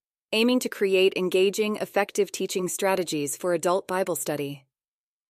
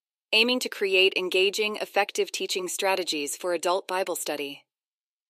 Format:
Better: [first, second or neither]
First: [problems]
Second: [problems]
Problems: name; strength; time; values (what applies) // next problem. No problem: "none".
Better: first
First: none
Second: thin; very slightly; fading below 250 Hz